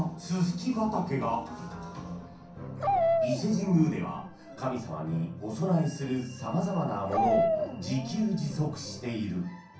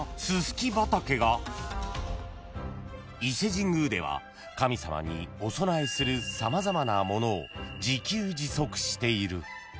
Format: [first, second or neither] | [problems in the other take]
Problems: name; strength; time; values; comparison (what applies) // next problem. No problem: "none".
second | background sound (Dog); 1 dB below the speech // room echo; dies away in 0.6 s